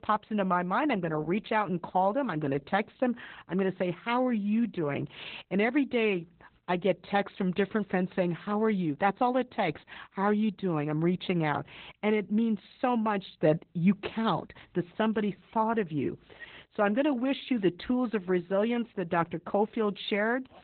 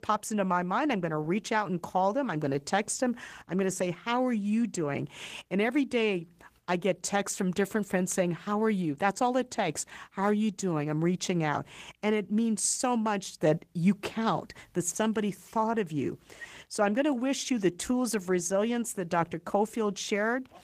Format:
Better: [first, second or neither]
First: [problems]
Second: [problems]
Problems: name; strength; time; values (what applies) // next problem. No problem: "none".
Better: second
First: garbled, watery; badly; nothing above 4 kHz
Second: garbled, watery; slightly; nothing above 15 kHz